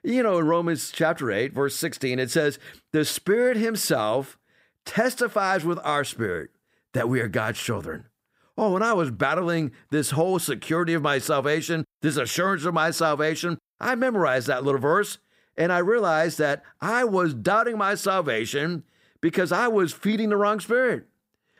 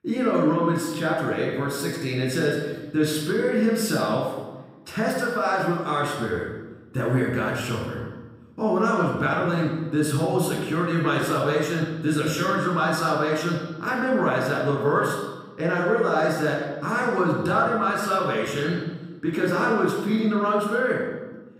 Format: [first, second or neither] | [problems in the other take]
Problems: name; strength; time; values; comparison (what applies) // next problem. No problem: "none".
first | room echo; noticeable; dies away in 1.1 s // off-mic speech; far